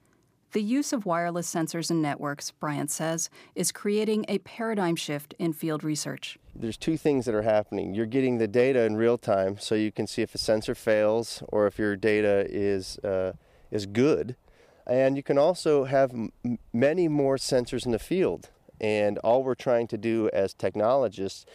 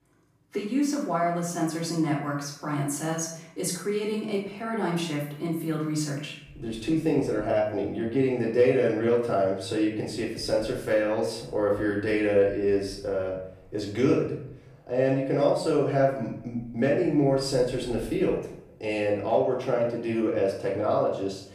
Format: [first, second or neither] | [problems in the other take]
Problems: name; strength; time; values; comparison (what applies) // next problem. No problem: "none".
first | off-mic speech; far // room echo; noticeable; dies away in 0.6 s